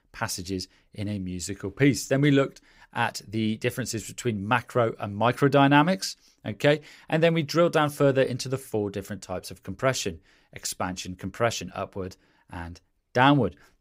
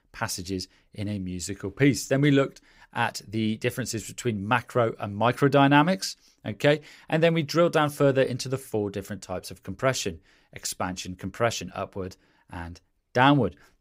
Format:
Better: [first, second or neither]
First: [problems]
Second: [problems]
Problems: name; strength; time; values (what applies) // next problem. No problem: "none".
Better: neither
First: none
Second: none